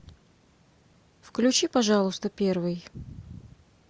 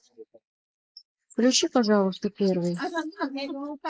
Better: first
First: none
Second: noise reduction (neural mask model Resemble Enhance denoiser)

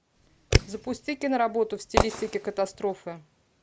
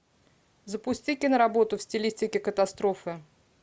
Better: second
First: background sound (Fireworks); 1 dB above the speech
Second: none

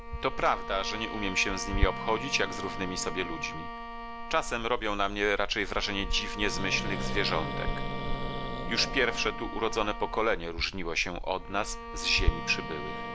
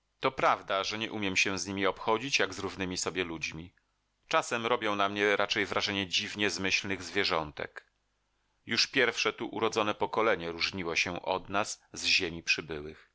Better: second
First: background sound (Bowed string instrument + Growling); 2 dB below the speech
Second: none

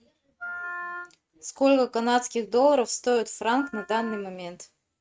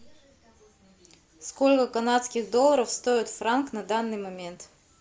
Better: second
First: noise reduction (neural mask model RNNoise)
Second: none

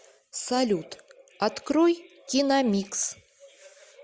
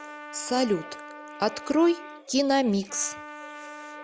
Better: first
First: none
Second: background sound (Trumpet); 14 dB below the speech

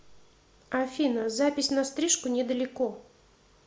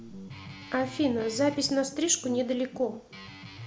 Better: first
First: none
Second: background sound (Guitar); 14 dB below the speech

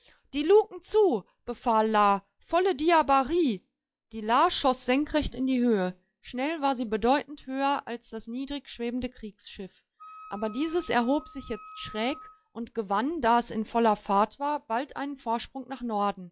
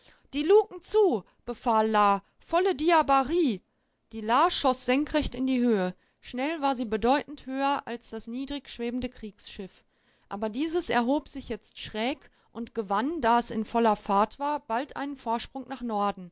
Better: second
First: noise reduction (classical method log-MMSE)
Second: none

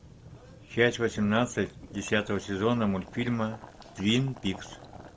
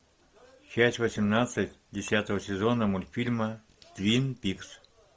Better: second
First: background sound (Boiling); 18 dB below the speech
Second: none

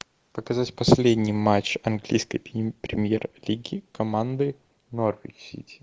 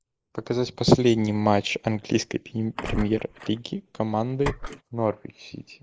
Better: first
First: none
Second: noise reduction (neural mask model Resemble Enhance denoiser)

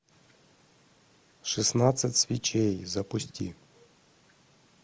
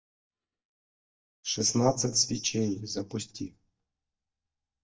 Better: first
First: none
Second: noise reduction (neural mask model DeepFilterNet 3)

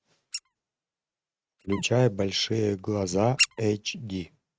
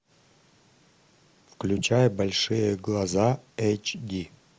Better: second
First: noise reduction (neural mask model RNNoise)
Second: none

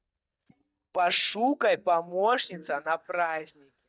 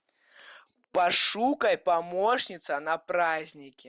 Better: second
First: noise reduction (neural mask model DeepFilterNet 3)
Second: none

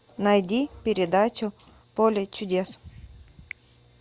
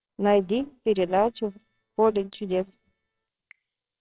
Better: first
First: none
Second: noise reduction (neural separator model SepFormer WHAMR!)

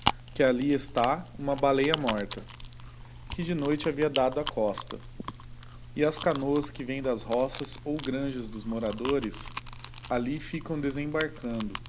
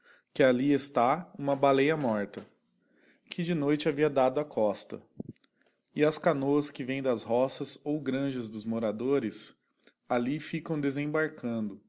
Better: second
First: background sound (Chewing, mastication); 9 dB below the speech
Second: none

